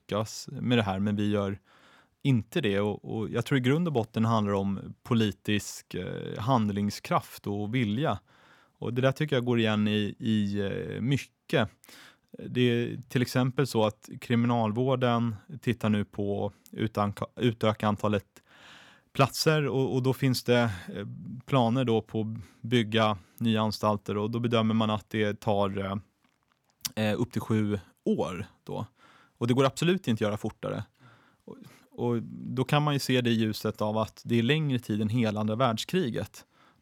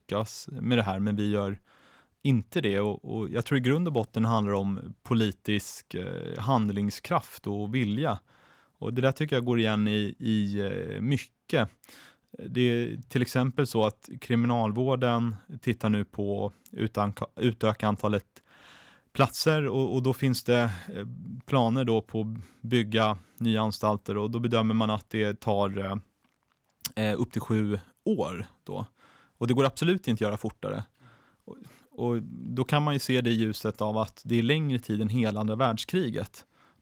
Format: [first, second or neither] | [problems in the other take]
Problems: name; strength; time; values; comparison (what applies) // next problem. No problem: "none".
first | garbled, watery; slightly